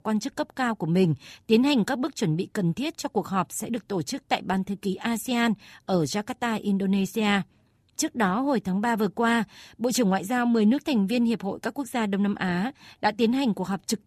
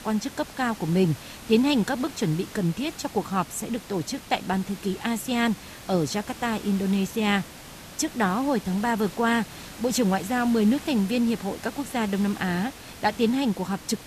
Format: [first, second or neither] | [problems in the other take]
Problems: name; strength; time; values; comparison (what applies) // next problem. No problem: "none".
first | hiss; noticeable; throughout; 15 dB below the speech